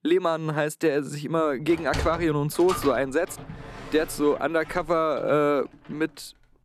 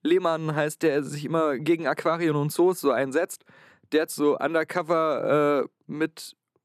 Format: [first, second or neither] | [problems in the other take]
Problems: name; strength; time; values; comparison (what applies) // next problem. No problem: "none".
second | door banging; noticeable; from 1.5 to 5 s; peak 7 dB below the speech